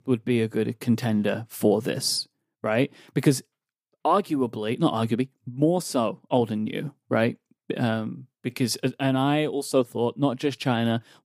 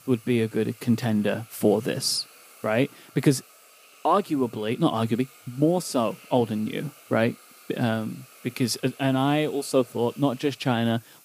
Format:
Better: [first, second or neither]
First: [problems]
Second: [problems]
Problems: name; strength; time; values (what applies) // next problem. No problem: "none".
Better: first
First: none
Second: hiss; faint; throughout; 25 dB below the speech